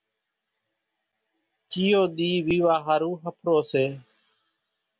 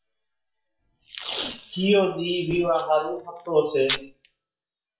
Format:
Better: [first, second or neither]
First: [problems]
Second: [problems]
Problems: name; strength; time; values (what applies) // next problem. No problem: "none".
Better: first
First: none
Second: noise reduction (classical method WPE with log-MMSE)